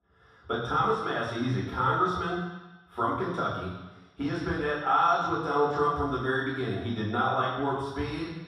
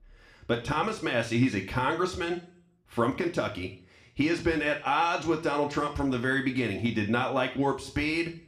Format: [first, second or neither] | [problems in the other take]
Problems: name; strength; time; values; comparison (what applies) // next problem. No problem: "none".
second | room echo; strong; dies away in 1.2 s; slight in the second // off-mic speech; far; somewhat distant in the second